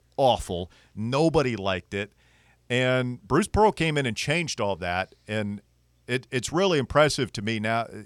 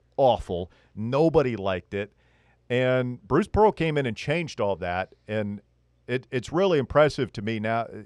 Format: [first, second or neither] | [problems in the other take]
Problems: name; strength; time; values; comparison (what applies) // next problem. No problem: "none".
first | muffled; slightly; fading above 2 kHz